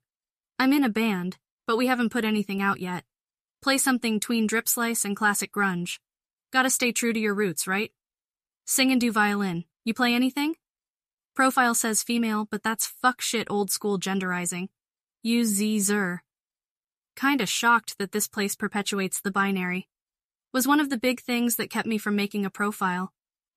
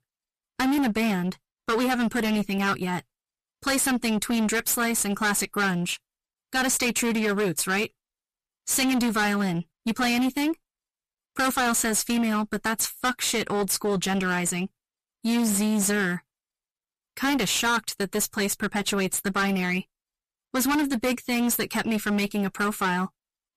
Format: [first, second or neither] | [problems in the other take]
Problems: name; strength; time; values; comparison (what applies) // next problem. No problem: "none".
first | distortion; heavy; 18% of the sound clipped